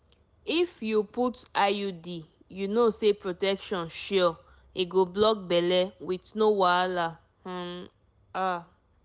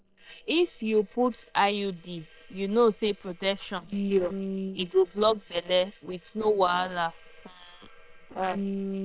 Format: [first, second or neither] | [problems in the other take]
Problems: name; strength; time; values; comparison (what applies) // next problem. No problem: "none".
first | noise reduction (neural separator model SepFormer WHAM!)